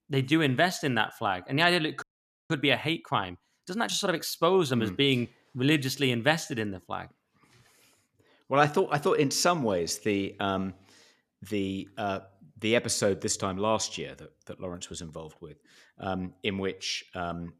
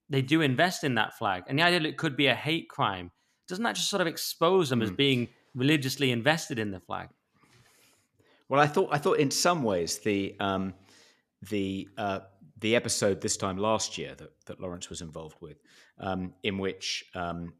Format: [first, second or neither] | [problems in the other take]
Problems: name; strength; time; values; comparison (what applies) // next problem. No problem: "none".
second | audio freezing; at 2 s